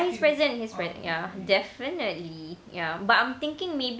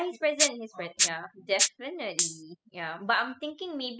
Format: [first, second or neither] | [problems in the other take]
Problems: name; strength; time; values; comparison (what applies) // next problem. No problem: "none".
first | noise reduction (classical method spectral subtraction)